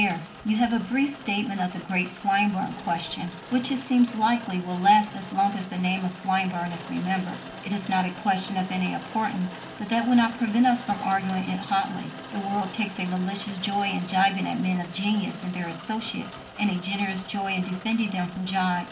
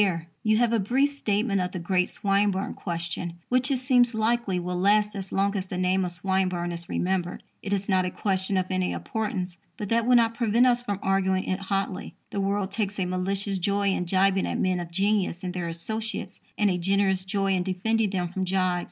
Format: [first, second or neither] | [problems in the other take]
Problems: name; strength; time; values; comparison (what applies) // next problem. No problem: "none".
second | background sound (Rain); 15 dB below the speech // room echo; dies away in 0.8 s